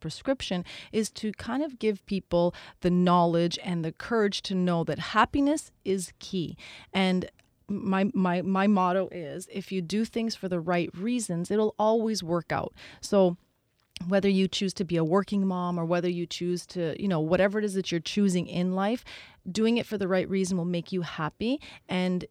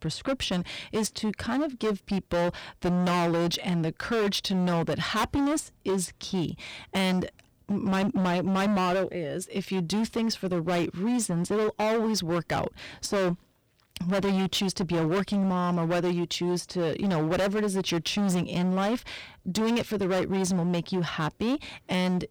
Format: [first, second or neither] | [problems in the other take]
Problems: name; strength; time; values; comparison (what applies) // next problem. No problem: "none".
first | distortion; heavy; 23% of the sound clipped